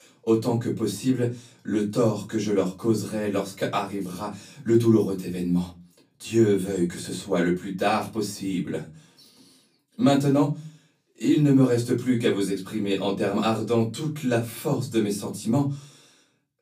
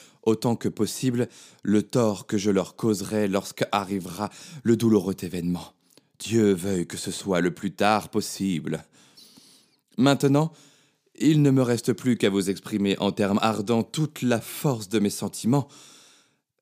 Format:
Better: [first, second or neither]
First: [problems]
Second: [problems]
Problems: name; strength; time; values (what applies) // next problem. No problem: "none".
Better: second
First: off-mic speech; far // room echo; very slight; dies away in 0.3 s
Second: none